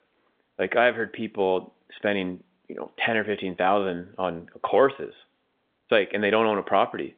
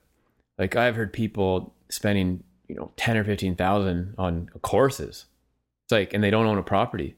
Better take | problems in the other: second | phone-call audio; nothing above 3.5 kHz

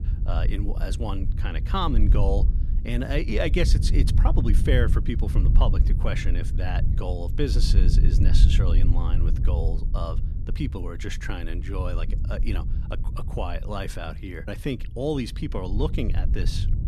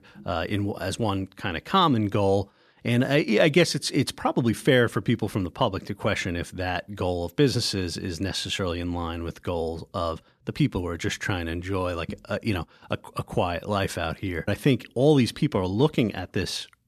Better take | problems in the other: second | low rumble; loud; throughout; 9 dB below the speech

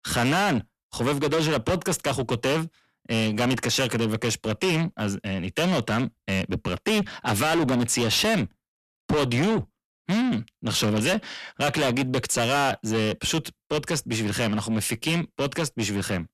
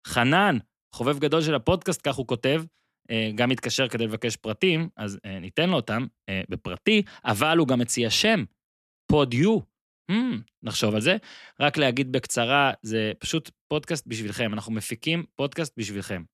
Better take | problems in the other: second | distortion; heavy; 6 dB below the speech

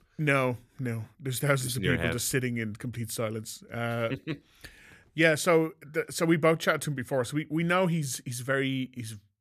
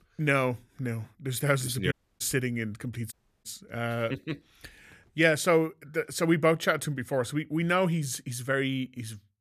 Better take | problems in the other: first | audio cutting out; at 2 s and at 3 s

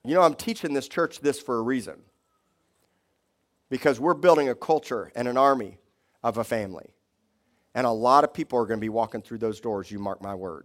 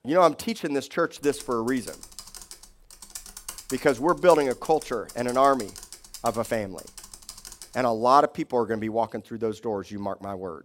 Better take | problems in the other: first | keyboard typing; faint; from 1 to 8 s; peak 10 dB below the speech

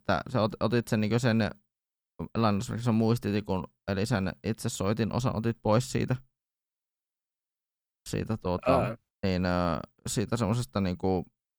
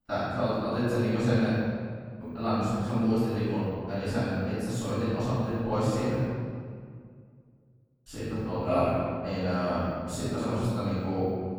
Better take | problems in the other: first | room echo; strong; dies away in 1.8 s // off-mic speech; far

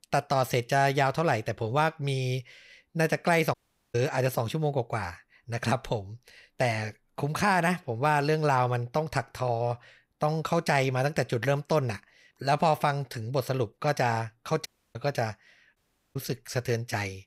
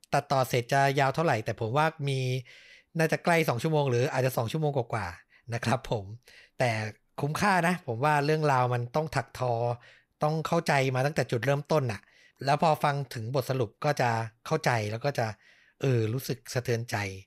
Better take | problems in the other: second | audio cutting out; at 3.5 s, at 15 s and at 16 s

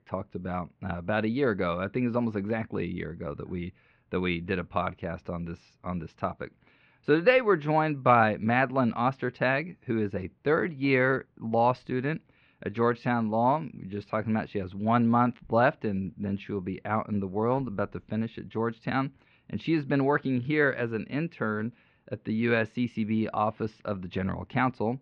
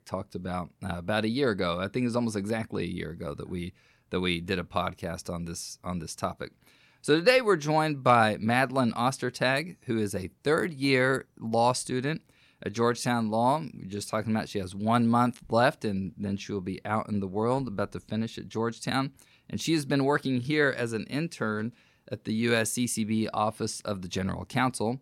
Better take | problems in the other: second | muffled; very; fading above 3 kHz

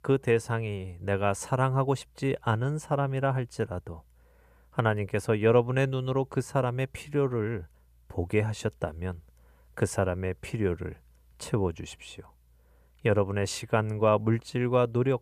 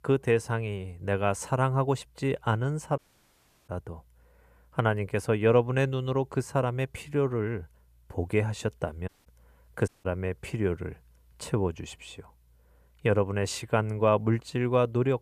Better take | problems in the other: first | audio cutting out; at 3 s for 0.5 s, at 9 s and at 10 s

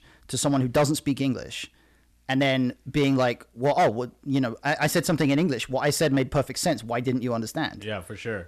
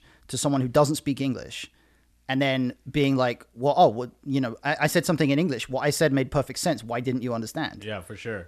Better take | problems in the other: second | distortion; slight; 4% of the sound clipped

